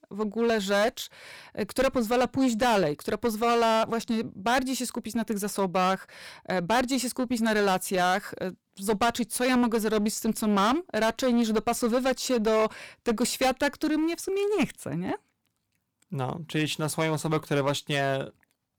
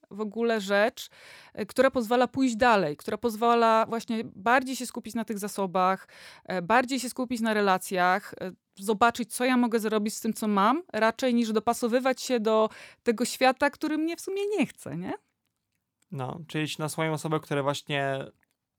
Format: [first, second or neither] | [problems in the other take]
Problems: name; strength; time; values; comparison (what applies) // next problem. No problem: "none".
second | distortion; heavy; 14% of the sound clipped